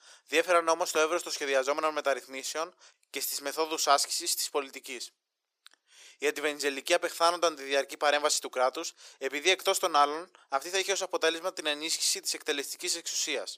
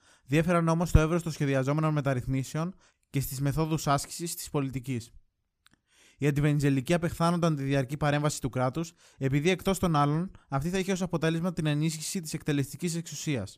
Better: second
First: thin; very; fading below 400 Hz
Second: none

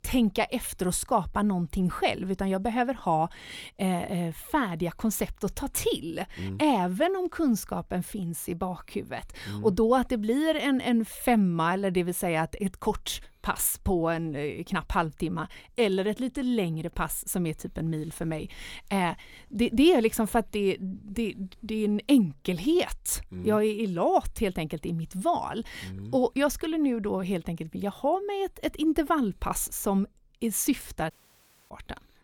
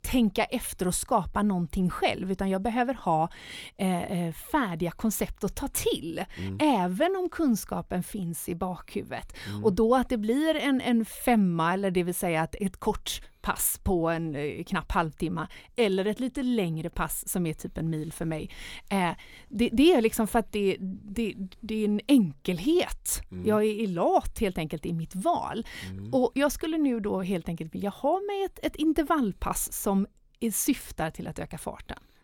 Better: second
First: audio cutting out; at 31 s for 0.5 s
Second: none

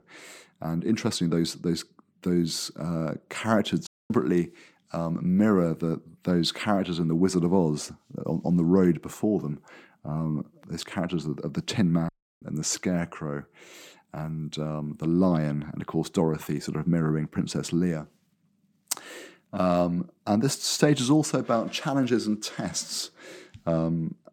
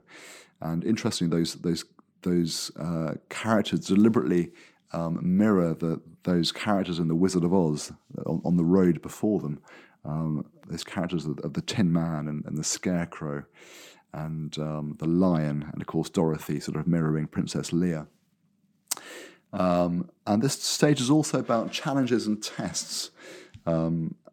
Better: second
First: audio cutting out; at 4 s and at 12 s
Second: none

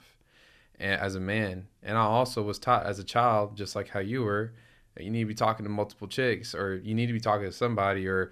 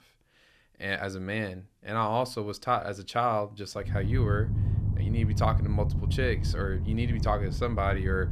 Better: first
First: none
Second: low rumble; noticeable; from 4 s on; 10 dB below the speech

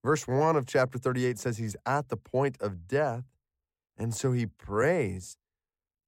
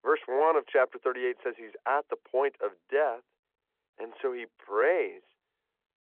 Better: first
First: none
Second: phone-call audio

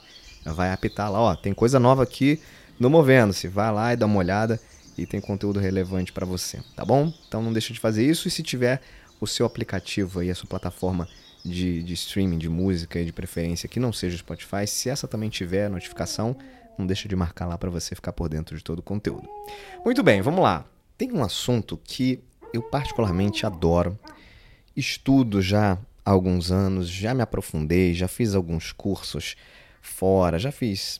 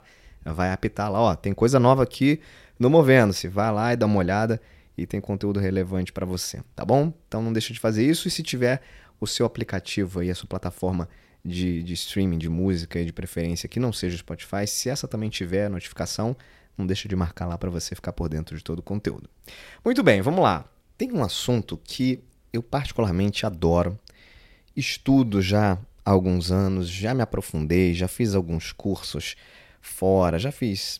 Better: second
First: animal sounds; faint; throughout; 20 dB below the speech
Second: none

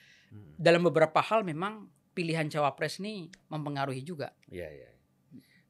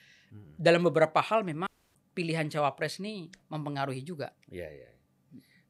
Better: first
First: none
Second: audio cutting out; at 1.5 s

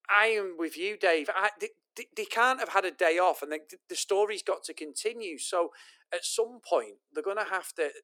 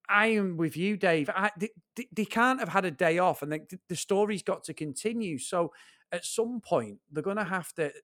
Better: second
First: thin; very; fading below 350 Hz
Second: none

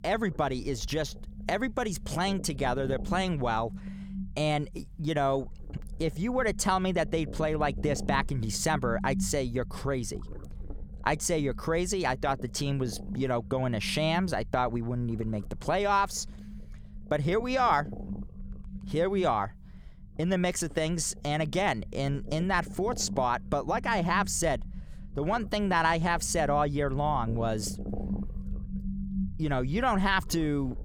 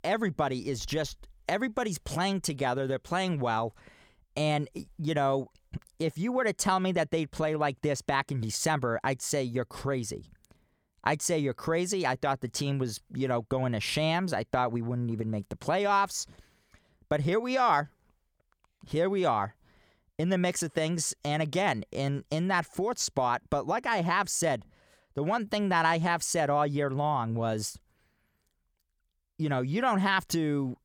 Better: second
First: low rumble; noticeable; throughout; 20 dB below the speech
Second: none

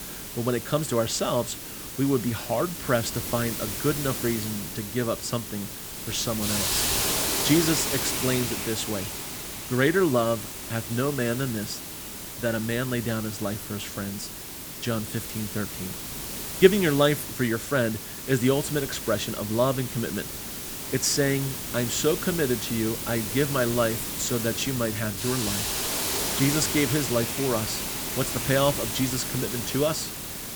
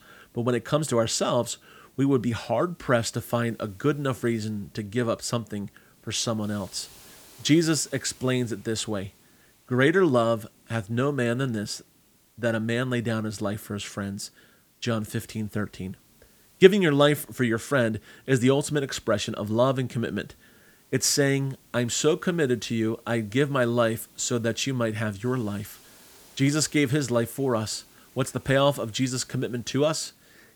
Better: second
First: hiss; loud; throughout; 3 dB below the speech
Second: hiss; faint; throughout; 30 dB below the speech

